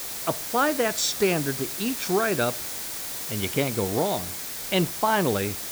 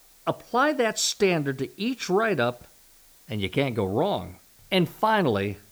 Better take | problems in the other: second | hiss; loud; throughout; 4 dB below the speech; faint in the second

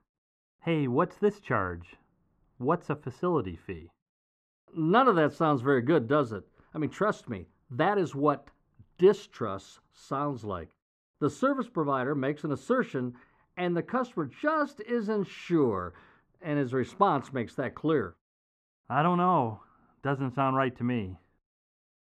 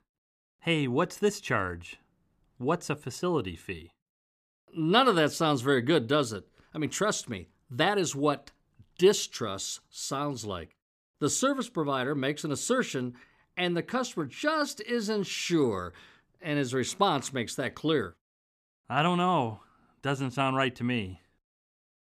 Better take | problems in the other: second | muffled; very; fading above 3 kHz

